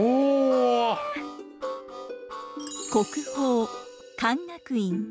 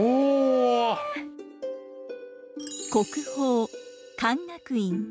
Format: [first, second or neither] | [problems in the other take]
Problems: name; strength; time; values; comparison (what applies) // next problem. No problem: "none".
second | background sound (Harmonica); 16 dB below the speech